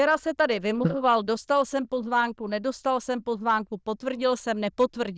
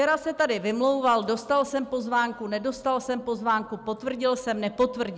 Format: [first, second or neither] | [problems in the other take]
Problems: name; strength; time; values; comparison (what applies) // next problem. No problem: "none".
second | noise reduction (neural diffusion model UNIVERSE++)